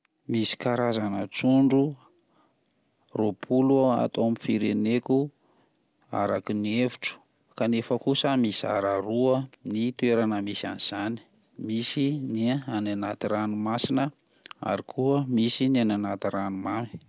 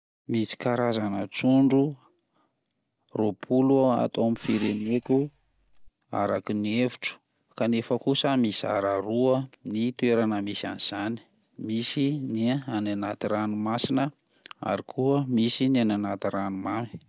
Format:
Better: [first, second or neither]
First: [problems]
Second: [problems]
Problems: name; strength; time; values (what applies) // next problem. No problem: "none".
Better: first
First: none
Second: noise reduction (neural mask model DeepFilterNet 3)